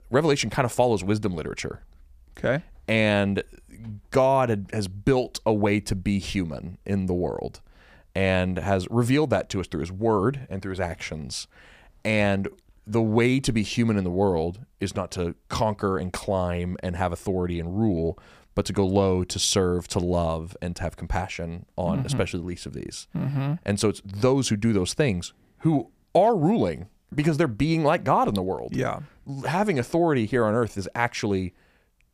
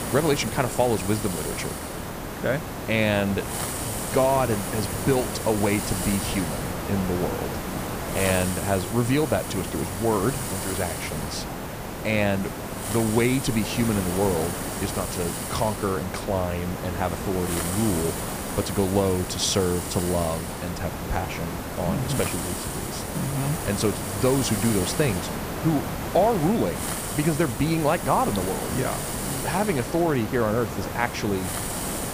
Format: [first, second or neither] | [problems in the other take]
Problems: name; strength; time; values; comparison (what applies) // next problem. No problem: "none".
first | hiss; loud; throughout; 4 dB below the speech